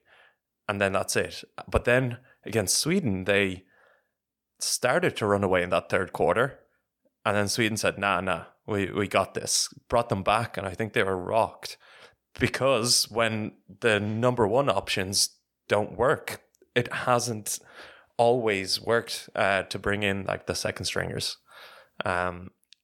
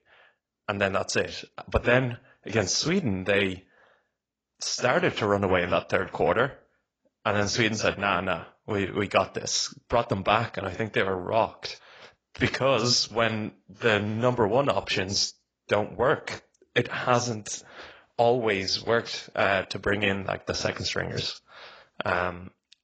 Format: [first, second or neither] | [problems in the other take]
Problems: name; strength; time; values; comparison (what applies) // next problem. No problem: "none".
first | garbled, watery; badly